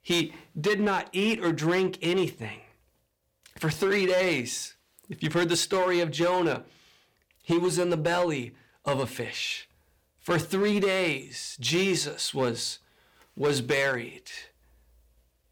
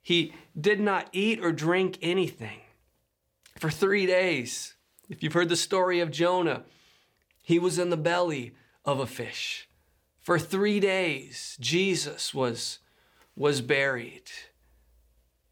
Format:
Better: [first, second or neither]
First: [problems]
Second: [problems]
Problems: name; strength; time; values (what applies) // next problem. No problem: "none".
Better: second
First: distortion; slight; 6% of the sound clipped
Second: none